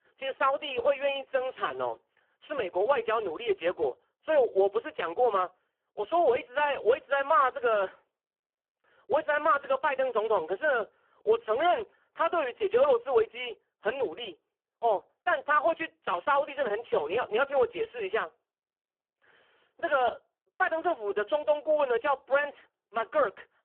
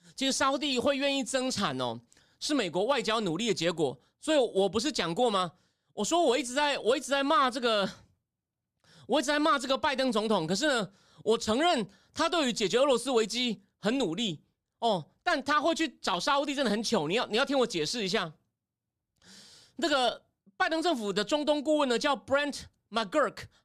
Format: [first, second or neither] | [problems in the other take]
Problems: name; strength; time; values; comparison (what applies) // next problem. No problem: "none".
second | phone-call audio; poor line